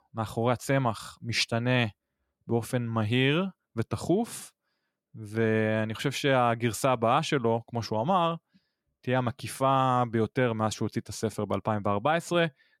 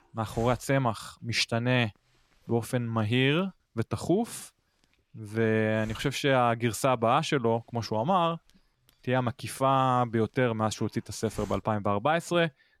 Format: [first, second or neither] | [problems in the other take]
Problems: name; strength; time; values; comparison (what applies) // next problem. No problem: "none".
first | hiss; faint; throughout; 25 dB below the speech